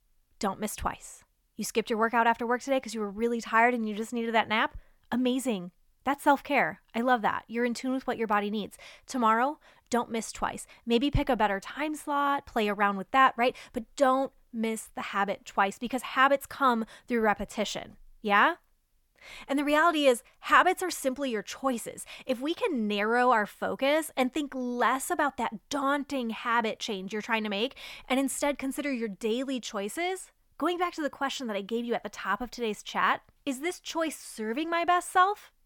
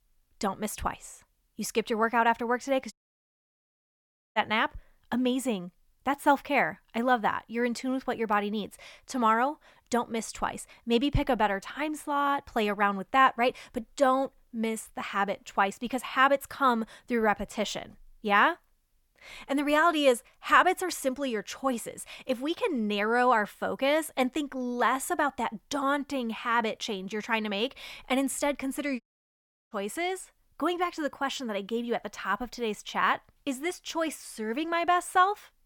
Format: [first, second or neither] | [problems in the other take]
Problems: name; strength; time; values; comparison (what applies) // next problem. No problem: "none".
first | audio cutting out; at 3 s for 1.5 s and at 29 s for 0.5 s